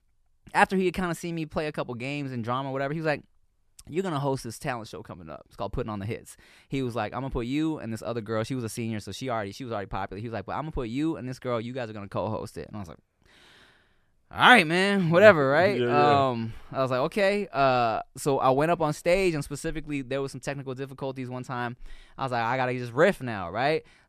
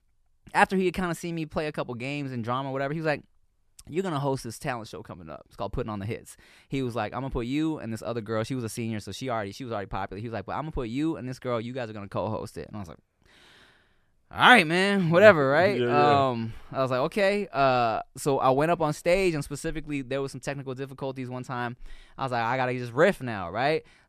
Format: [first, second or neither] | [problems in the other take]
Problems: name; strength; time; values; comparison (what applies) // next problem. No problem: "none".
neither | none